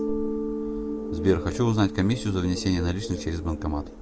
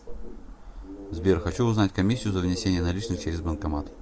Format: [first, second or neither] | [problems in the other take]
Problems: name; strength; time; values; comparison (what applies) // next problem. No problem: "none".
second | background sound (Mallet percussion); 7 dB below the speech